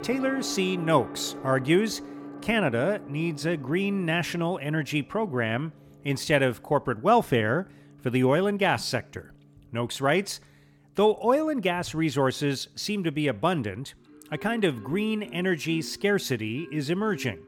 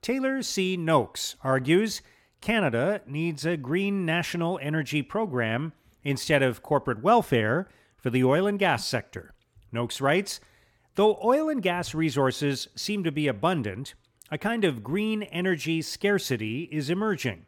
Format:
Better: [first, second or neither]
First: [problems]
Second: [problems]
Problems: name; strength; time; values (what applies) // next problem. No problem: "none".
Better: second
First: background music; noticeable; throughout; 15 dB below the speech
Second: none